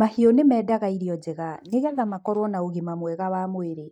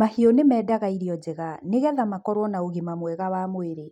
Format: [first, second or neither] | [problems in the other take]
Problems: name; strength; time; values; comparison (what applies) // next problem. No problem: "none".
second | noise reduction (neural mask model DeepFilterNet 3)